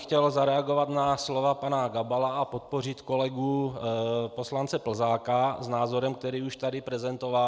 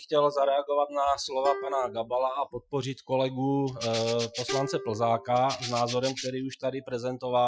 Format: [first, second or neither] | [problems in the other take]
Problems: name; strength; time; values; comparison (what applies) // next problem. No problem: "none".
first | noise reduction (classical method Wiener filter)